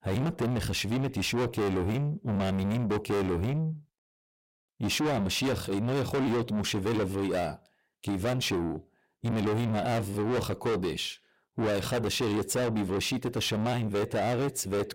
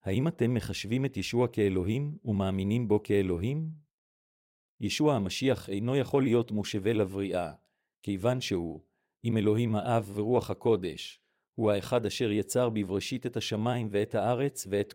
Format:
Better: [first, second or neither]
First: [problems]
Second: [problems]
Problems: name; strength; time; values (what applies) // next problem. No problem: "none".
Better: second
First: distortion; heavy; 5 dB below the speech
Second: none